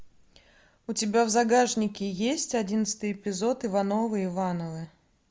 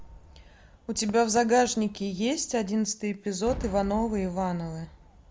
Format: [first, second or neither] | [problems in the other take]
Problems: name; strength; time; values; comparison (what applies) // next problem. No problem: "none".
first | background sound (Cheering / Fireworks); 16 dB below the speech